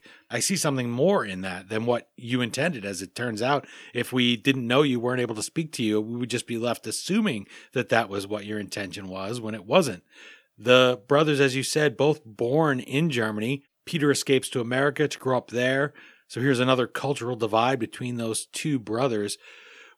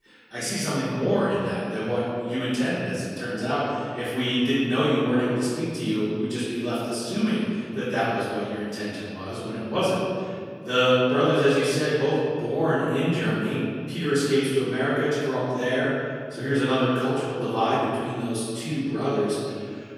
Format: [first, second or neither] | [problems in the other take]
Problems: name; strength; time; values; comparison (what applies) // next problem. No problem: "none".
first | off-mic speech; far // room echo; strong; dies away in 1.9 s